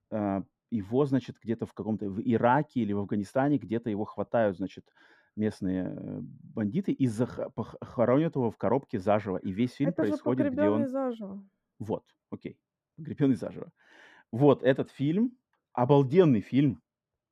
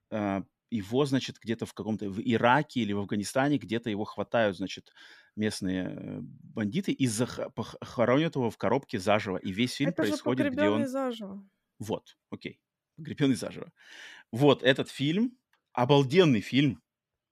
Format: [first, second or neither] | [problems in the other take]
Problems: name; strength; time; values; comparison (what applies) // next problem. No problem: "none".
second | muffled; slightly; fading above 2 kHz